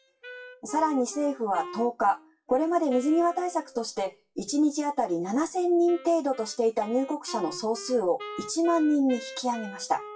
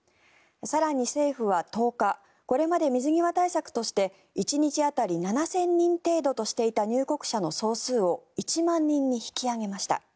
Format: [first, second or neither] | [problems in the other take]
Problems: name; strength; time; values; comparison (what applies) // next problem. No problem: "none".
second | noise reduction (classical method WPE with log-MMSE)